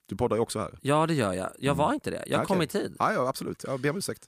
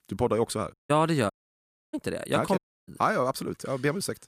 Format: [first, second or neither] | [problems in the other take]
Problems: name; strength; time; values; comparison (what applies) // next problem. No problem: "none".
first | audio cutting out; at 0.5 s, at 1.5 s for 0.5 s and at 2.5 s